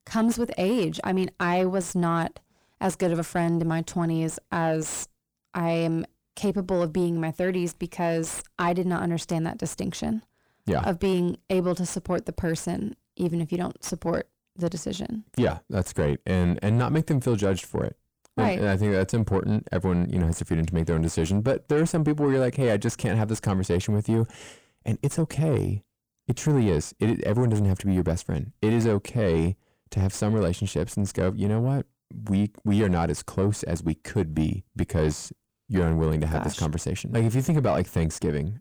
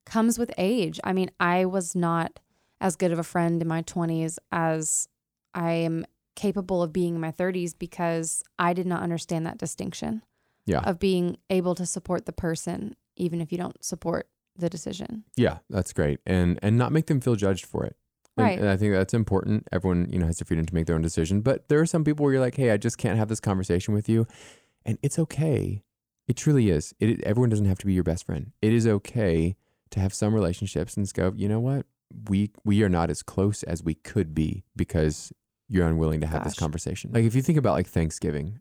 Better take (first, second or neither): second